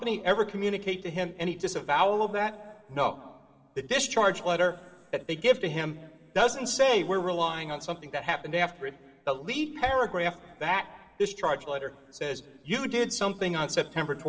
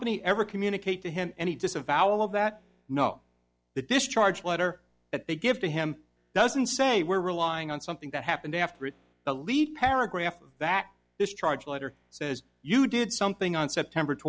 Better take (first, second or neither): second